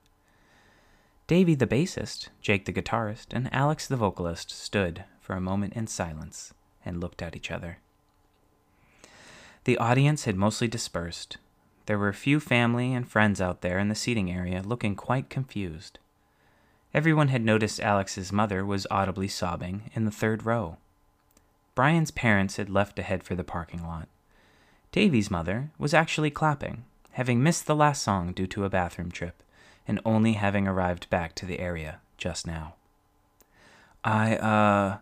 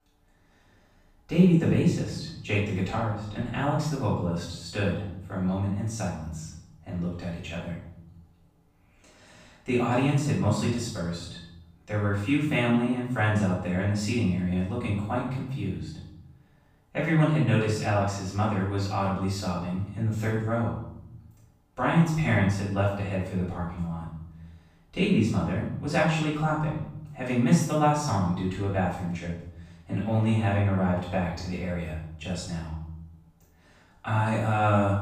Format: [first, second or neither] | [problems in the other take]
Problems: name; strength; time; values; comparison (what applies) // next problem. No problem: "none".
first | room echo; noticeable; dies away in 0.8 s // off-mic speech; far